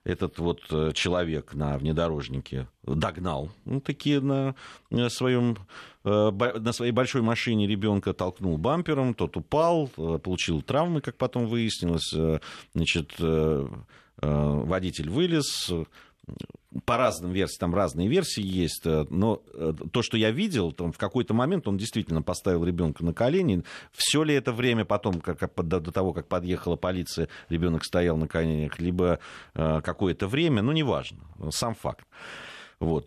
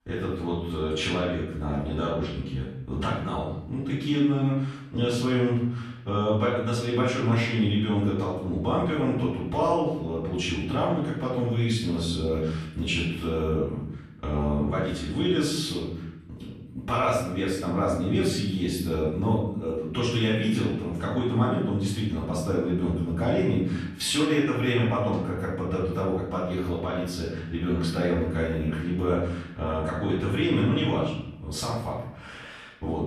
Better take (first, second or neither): first